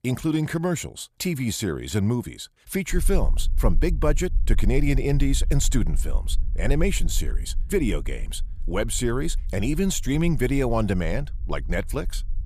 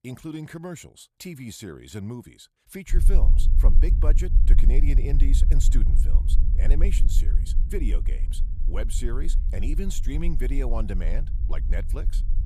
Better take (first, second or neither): first